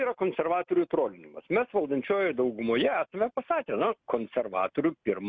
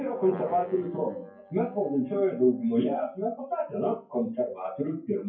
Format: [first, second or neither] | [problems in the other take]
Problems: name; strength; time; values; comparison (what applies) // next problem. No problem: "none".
first | noise reduction (classical method WPE with log-MMSE)